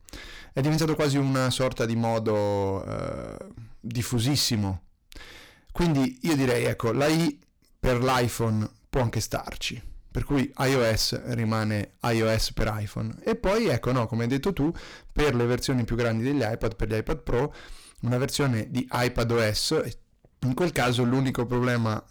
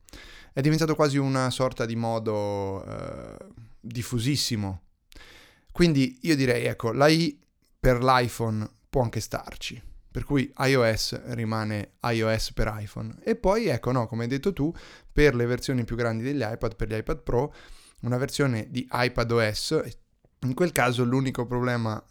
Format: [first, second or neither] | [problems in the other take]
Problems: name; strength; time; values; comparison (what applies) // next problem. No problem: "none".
second | distortion; heavy; 14% of the sound clipped